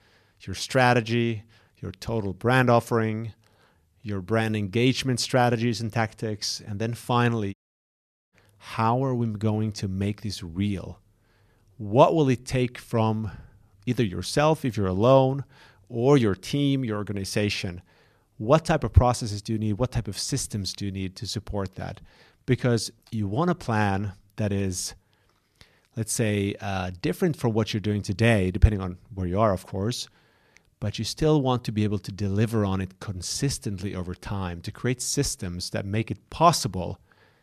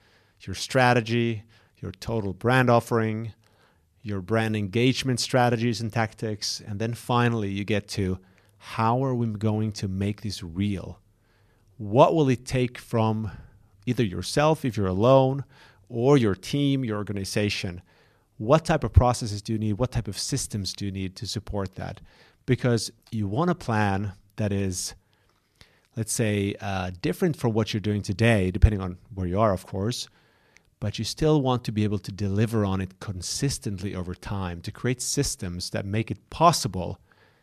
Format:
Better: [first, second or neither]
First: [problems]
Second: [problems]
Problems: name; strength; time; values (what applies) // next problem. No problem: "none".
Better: second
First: audio cutting out; at 7.5 s for 1 s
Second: none